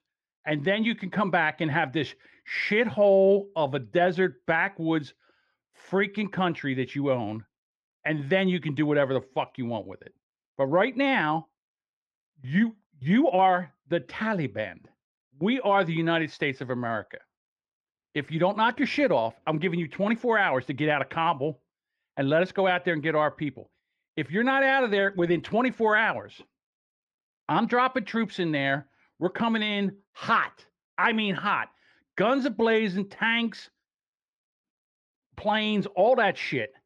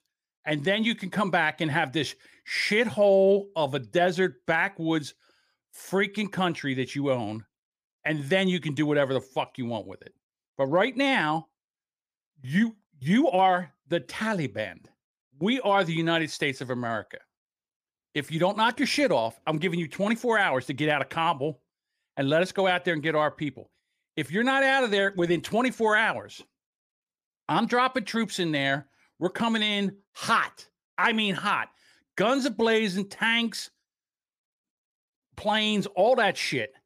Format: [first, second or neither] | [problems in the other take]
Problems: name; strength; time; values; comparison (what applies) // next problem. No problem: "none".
second | muffled; slightly; fading above 3 kHz